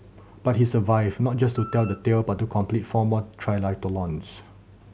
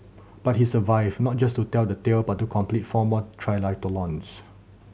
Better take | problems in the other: second | background sound (Wind instrument, woodwind instrument); 17 dB below the speech

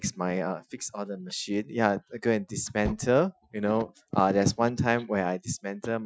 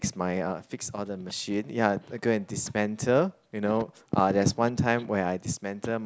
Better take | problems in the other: second | noise reduction (classical method Wiener filter)

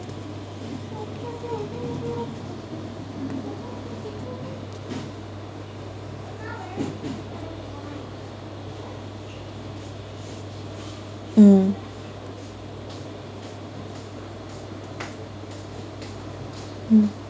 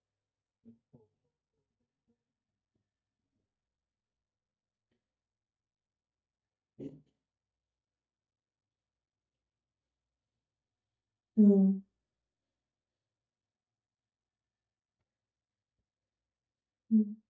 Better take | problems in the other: first | noise reduction (neural mask model DeepFilterNet 3)

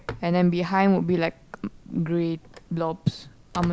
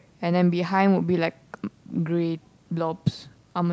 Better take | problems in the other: second | background sound (Telephone); 18 dB below the speech

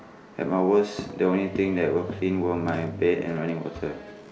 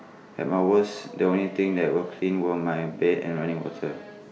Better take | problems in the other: second | background sound (Bowed string instrument + Walk, footsteps); 13 dB below the speech

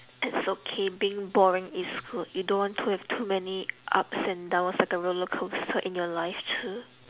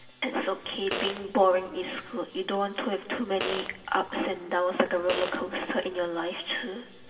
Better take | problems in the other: first | background sound (Fart); 9 dB below the speech // room echo; dies away in 1.7 s

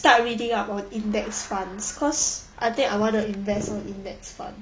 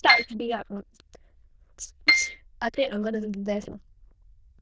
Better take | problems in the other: first | noise reduction (neural diffusion model UNIVERSE++)

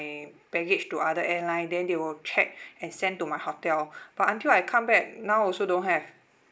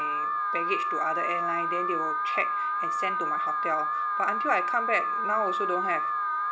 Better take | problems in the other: first | background sound (Alarm); 4 dB above the speech

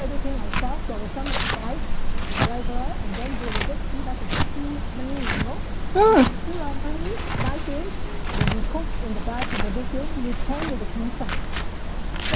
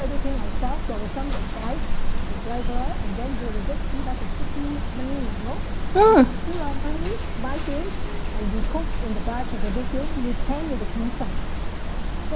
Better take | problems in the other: second | background sound (Tearing); 9 dB below the speech

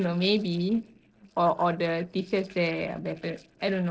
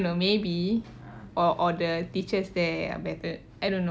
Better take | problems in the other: second | noise reduction (neural separator model SepFormer DNS4)

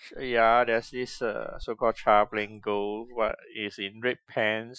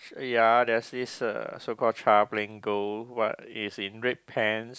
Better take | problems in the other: second | noise reduction (classical method Wiener filter)

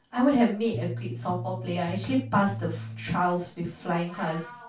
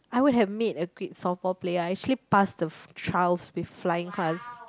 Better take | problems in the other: second | background sound (Bass guitar); 8 dB below the speech // room echo; dies away in 0.2 s

